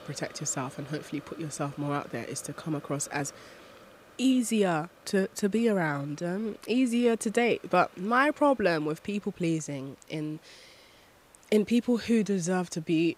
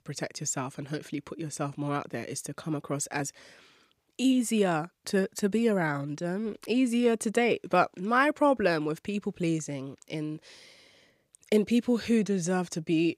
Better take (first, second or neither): second